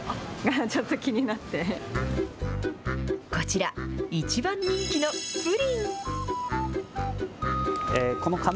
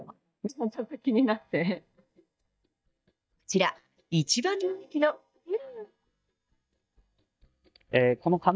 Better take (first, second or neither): first